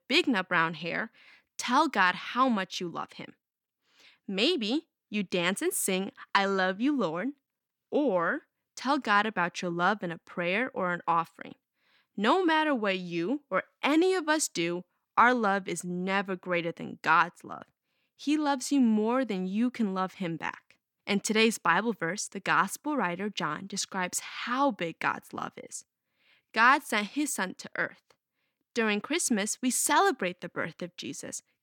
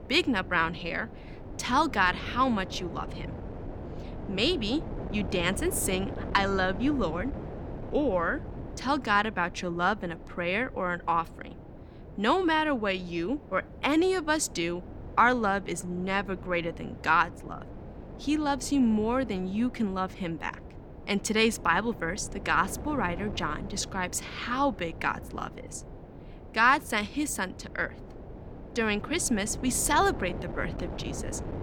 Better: first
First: none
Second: wind noise on the microphone; occasional gusts; 20 dB below the speech

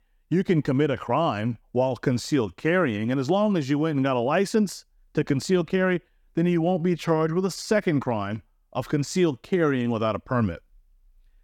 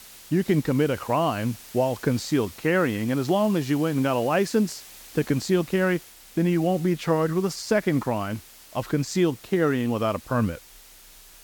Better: first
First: none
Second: hiss; noticeable; throughout; 20 dB below the speech

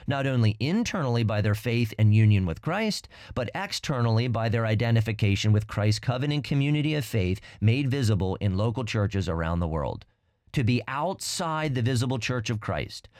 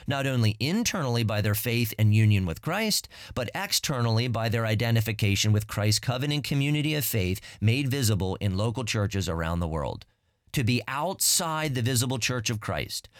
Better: second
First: muffled; very slightly; fading above 2 kHz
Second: none

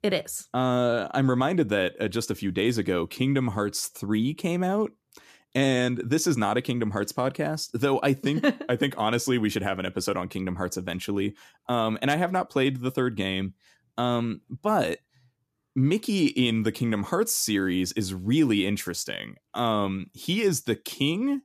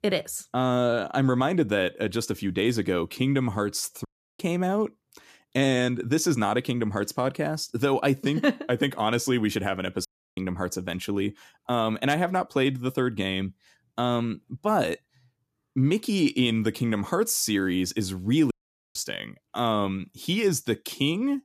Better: first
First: none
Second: audio cutting out; at 4 s, at 10 s and at 19 s

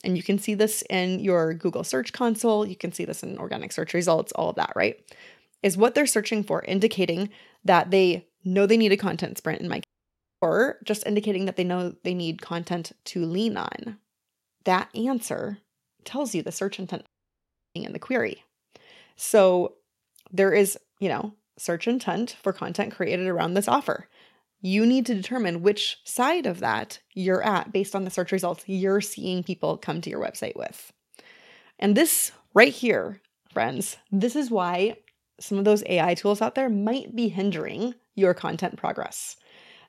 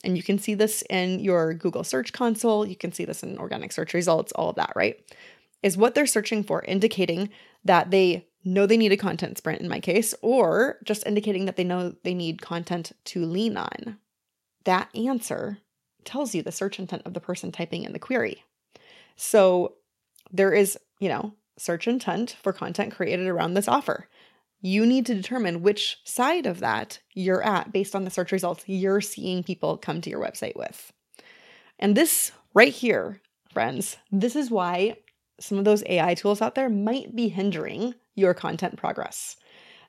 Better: second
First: audio cutting out; at 10 s for 0.5 s and at 17 s for 0.5 s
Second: none

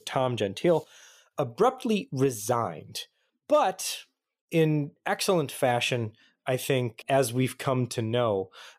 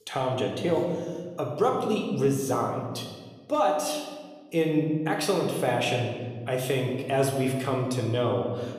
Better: first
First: none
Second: room echo; noticeable; dies away in 1.4 s // off-mic speech; somewhat distant

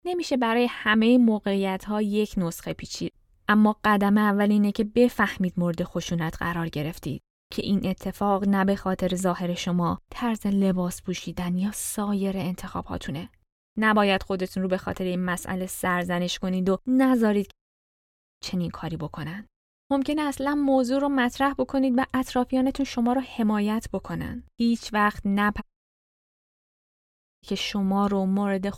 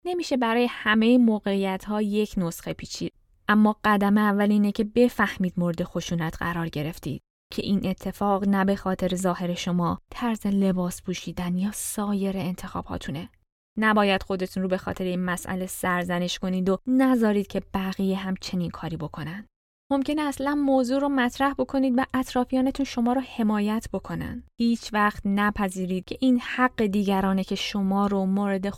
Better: second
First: audio cutting out; at 18 s for 1 s and at 26 s for 2 s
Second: none

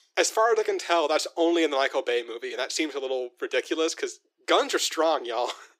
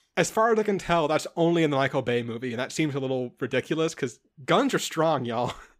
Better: second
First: thin; very; fading below 350 Hz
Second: none

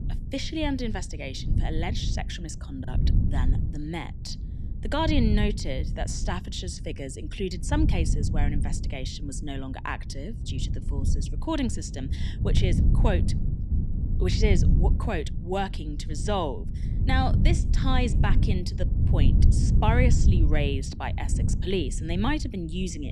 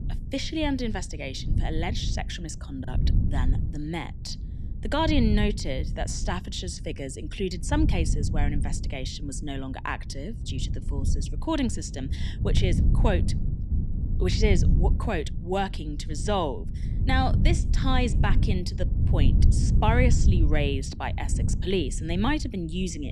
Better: second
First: wind noise on the microphone; heavy; 8 dB below the speech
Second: wind noise on the microphone; occasional gusts; 10 dB below the speech

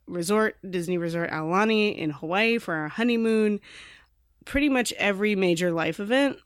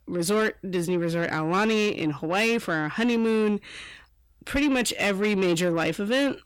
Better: first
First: none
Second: distortion; slight; 10 dB below the speech

